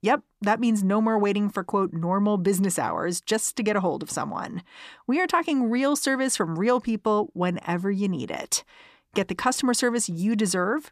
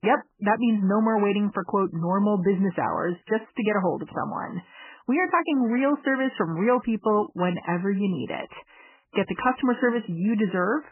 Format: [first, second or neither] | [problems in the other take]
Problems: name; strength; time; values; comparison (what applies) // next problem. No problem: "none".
first | garbled, watery; badly; nothing above 3 kHz